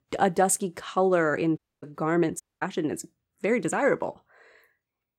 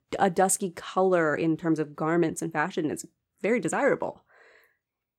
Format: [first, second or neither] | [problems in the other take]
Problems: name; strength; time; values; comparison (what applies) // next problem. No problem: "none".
second | audio cutting out; at 1.5 s and at 2.5 s